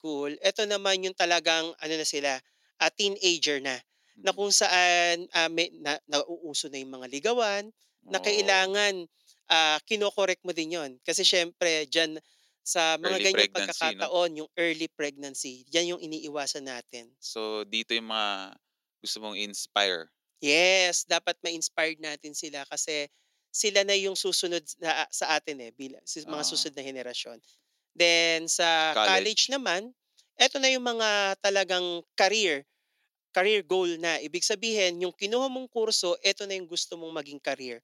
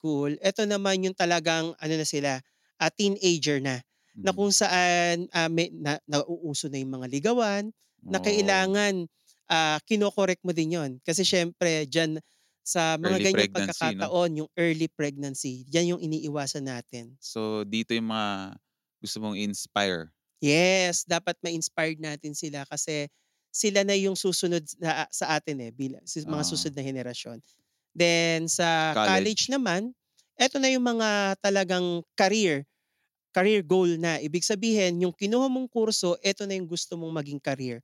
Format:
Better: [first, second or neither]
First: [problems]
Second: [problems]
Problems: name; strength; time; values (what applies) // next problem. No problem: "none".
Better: second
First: thin; somewhat; fading below 450 Hz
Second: none